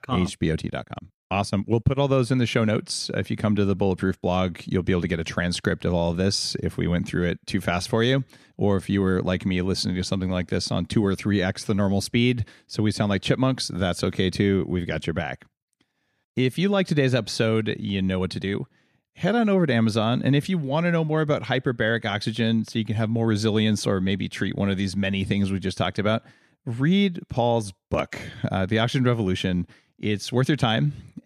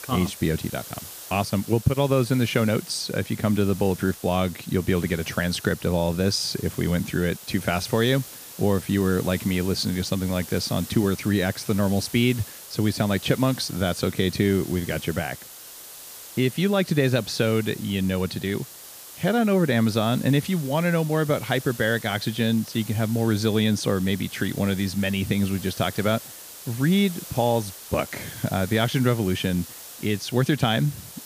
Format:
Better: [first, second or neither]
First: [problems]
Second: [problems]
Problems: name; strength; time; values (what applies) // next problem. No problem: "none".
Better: first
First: none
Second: hiss; noticeable; throughout; 15 dB below the speech